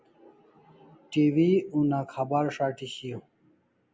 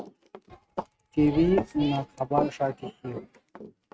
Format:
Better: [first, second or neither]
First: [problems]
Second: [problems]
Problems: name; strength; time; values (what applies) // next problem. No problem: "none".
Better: first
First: none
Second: noise reduction (neural mask model RNNoise)